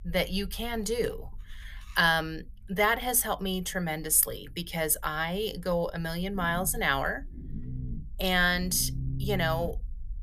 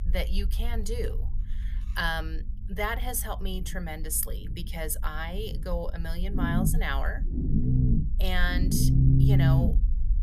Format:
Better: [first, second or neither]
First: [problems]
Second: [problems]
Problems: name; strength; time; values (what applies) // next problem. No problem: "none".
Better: first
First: low rumble; faint; throughout; 20 dB below the speech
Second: low rumble; loud; throughout; 2 dB below the speech